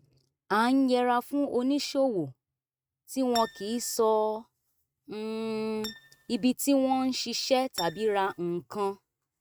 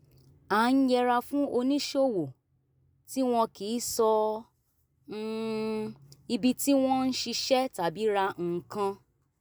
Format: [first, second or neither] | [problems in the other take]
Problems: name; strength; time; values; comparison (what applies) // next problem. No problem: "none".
second | noise reduction (neural mask model RNNoise)